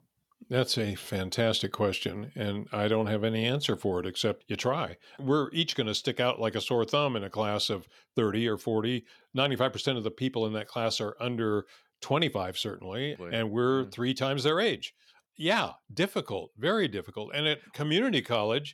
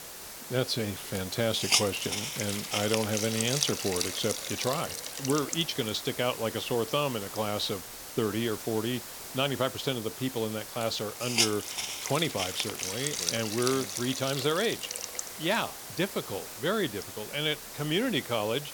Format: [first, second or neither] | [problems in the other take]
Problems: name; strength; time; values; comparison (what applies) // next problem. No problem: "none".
first | hiss; loud; throughout; 3 dB below the speech